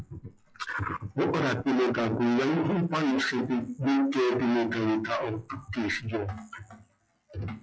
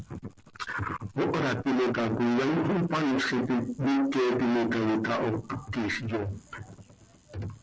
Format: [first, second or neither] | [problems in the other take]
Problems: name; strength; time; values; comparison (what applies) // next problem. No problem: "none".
second | noise reduction (classical method log-MMSE)